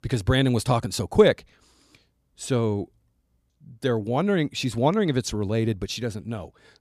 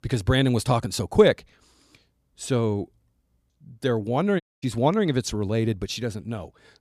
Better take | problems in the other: first | audio cutting out; at 4.5 s

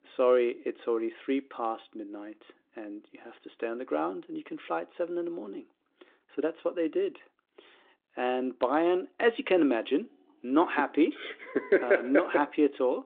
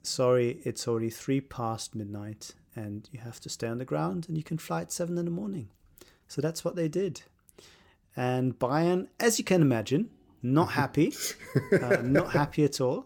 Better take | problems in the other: second | phone-call audio

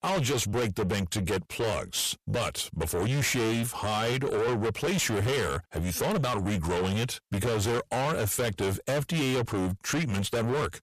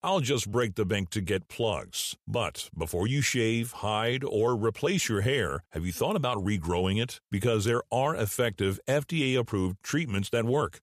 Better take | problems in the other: second | distortion; heavy; 6 dB below the speech

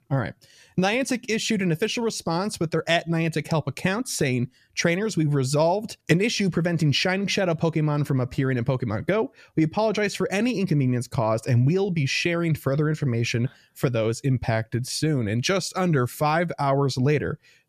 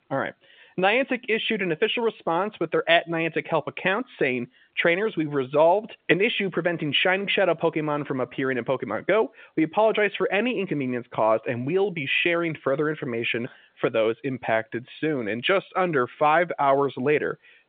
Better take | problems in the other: first | phone-call audio; nothing above 3.5 kHz

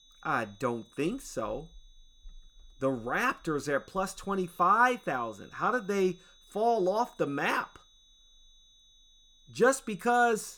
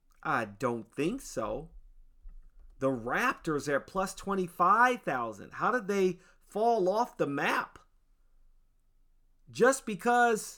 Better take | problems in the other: second | high-pitched whine; faint; throughout; 4 kHz, 30 dB below the speech

